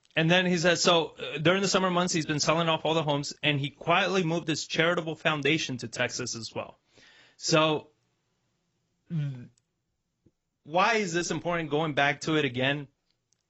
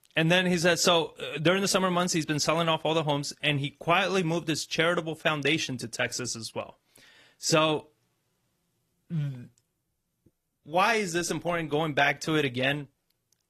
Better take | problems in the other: second | garbled, watery; badly; nothing above 7.5 kHz; slightly in the second

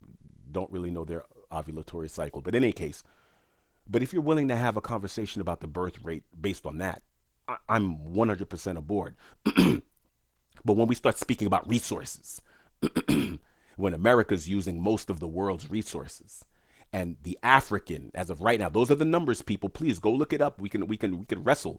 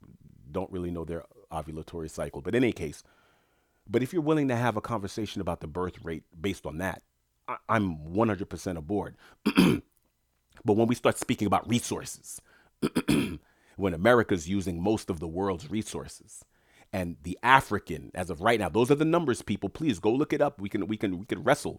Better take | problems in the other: second | garbled, watery; slightly

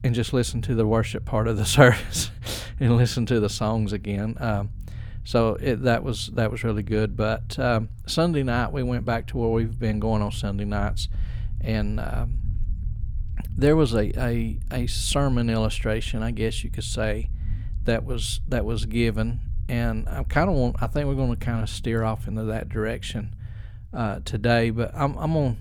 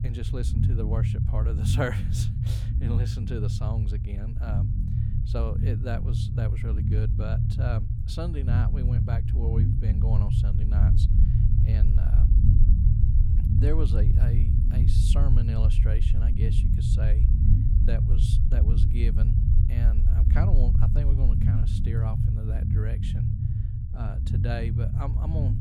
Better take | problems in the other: first | low rumble; loud; throughout; as loud as the speech; faint in the first

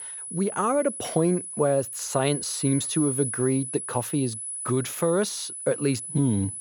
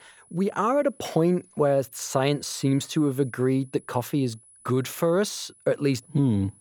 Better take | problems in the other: second | high-pitched whine; loud; throughout; 10 kHz, 6 dB below the speech; faint in the second

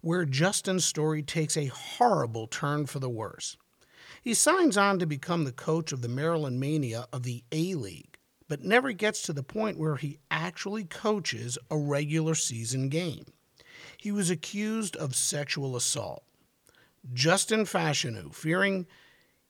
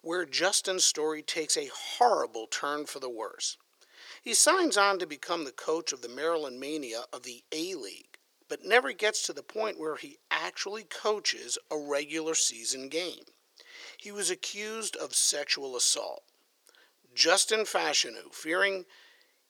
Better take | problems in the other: first | thin; very; fading below 350 Hz

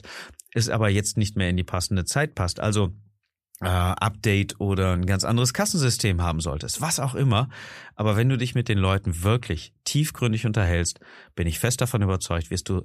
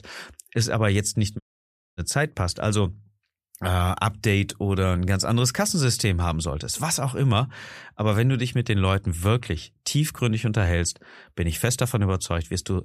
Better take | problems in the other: first | audio cutting out; at 1.5 s for 0.5 s

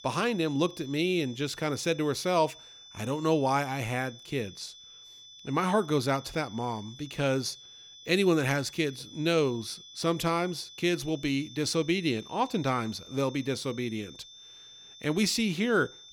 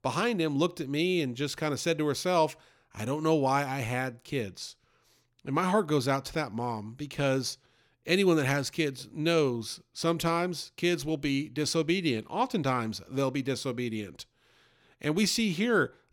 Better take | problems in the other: second | high-pitched whine; noticeable; throughout; 3.5 kHz, 20 dB below the speech

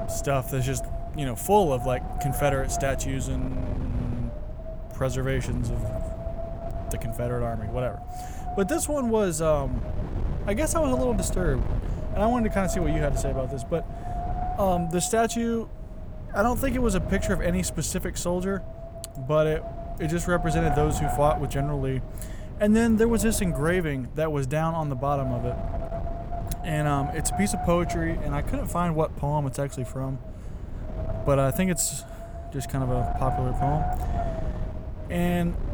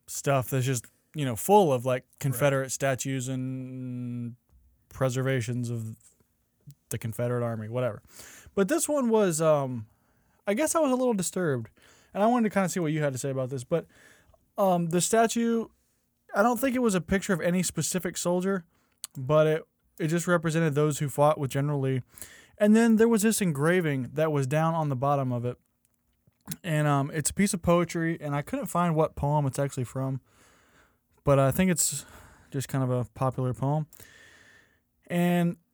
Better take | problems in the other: second | wind noise on the microphone; heavy; 8 dB below the speech

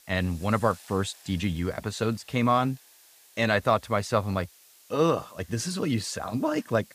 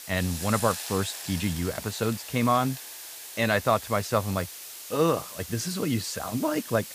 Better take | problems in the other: first | hiss; loud; throughout; 9 dB below the speech; faint in the first

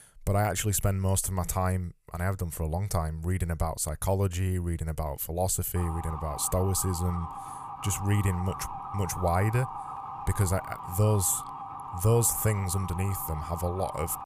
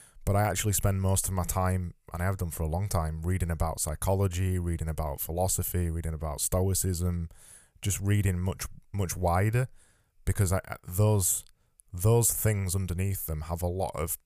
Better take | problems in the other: second | siren; noticeable; from 6 s on; peak 8 dB below the speech

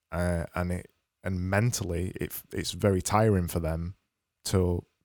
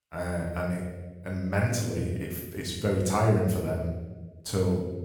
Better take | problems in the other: first | room echo; noticeable; dies away in 0.9 s // off-mic speech; far

